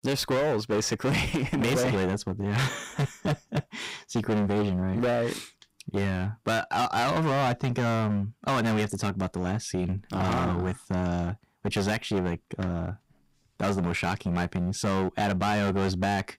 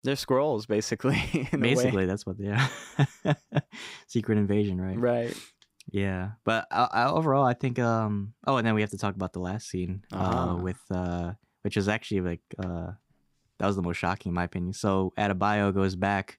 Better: second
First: distortion; heavy; 19% of the sound clipped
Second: none

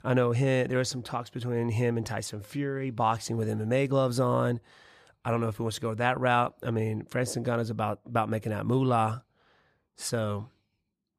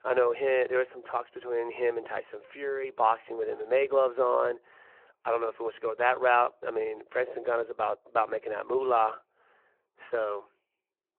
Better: first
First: none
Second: phone-call audio

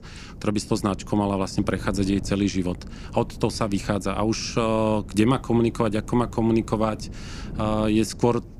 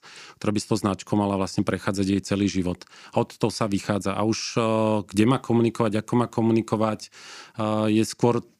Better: second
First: wind noise on the microphone; occasional gusts; 20 dB below the speech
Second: none

